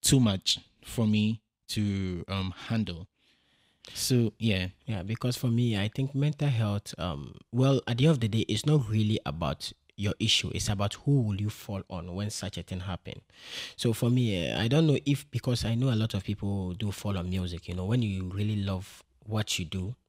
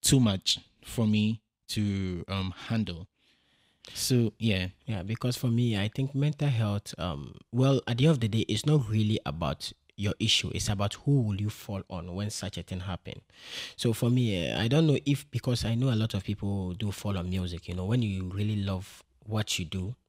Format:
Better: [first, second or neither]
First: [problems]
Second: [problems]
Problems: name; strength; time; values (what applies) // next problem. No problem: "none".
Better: neither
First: none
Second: none